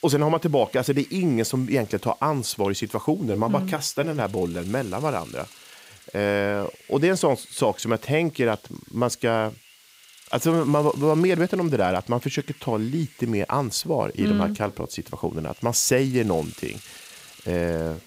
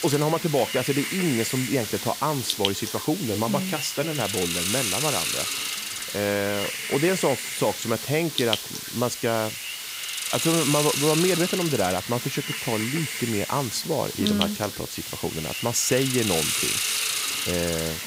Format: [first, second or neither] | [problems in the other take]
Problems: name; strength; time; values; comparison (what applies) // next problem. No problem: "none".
first | hiss; loud; throughout; 1 dB below the speech; faint in the first